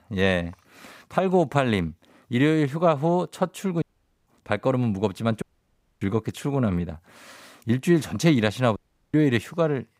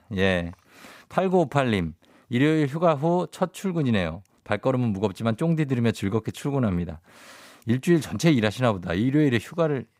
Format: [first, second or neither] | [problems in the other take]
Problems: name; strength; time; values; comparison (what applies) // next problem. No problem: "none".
second | audio cutting out; at 4 s, at 5.5 s for 0.5 s and at 9 s